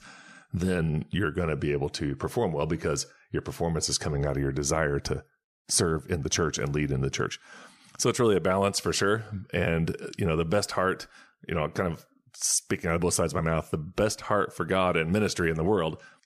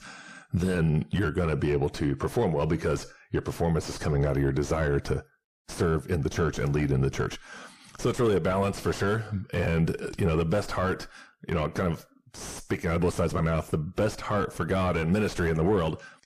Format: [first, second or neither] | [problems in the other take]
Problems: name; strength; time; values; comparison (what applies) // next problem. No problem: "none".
first | distortion; heavy; 5 dB below the speech